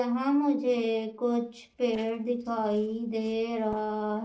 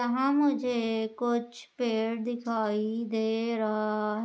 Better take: second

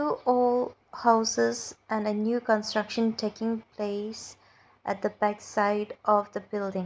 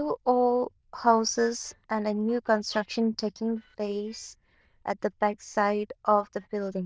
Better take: first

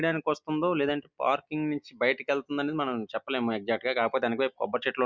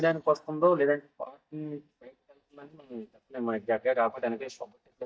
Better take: first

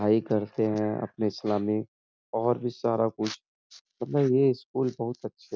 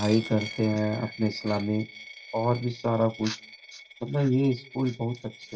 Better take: first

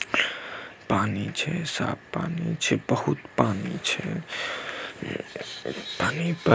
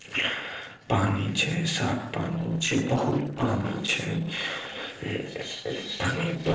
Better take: first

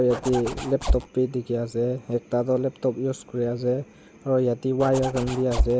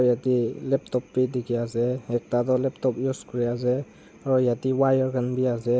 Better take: second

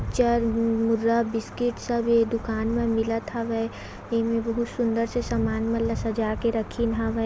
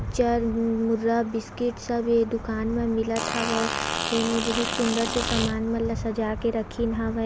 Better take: first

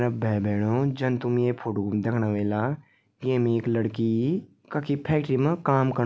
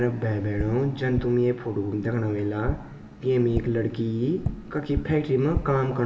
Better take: first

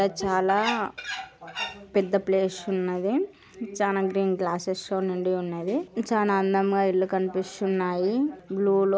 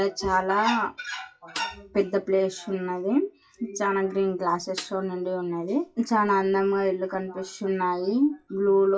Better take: first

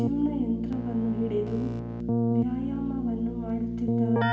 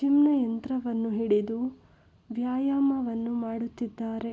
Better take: second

